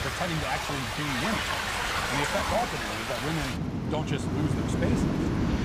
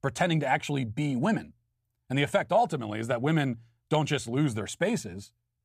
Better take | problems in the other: second | rain or running water; very loud; throughout; 4 dB above the speech

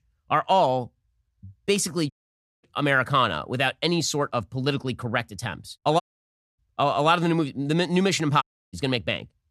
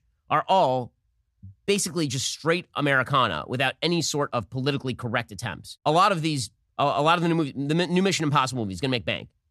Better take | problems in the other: second | audio cutting out; at 2 s for 0.5 s, at 6 s for 0.5 s and at 8.5 s

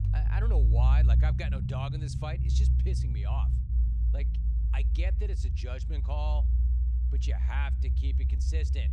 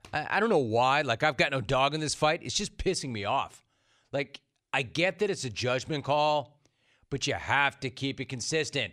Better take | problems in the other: second | low rumble; loud; throughout; 4 dB below the speech

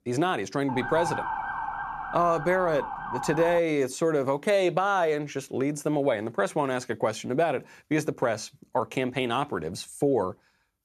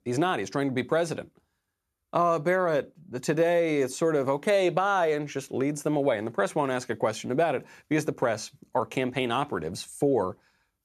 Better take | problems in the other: second | siren; noticeable; from 0.5 to 3.5 s; peak 3 dB below the speech

